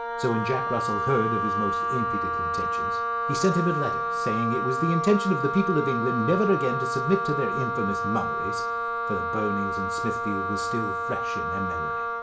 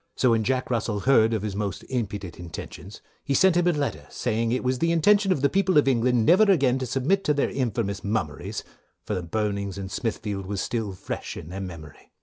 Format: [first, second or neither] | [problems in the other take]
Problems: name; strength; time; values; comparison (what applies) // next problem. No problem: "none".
second | background sound (Wind instrument, woodwind instrument); as loud as the speech // room echo; dies away in 0.8 s